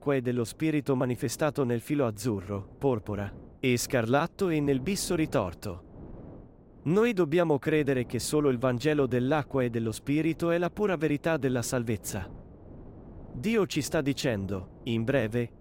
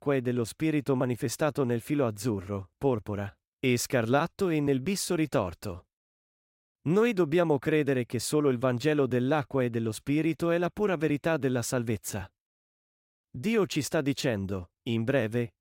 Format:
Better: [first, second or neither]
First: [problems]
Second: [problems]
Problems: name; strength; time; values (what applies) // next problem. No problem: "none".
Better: second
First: wind noise on the microphone; occasional gusts; 25 dB below the speech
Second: none